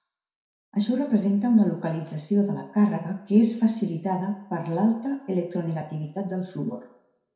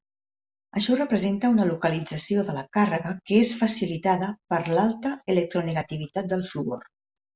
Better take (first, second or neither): second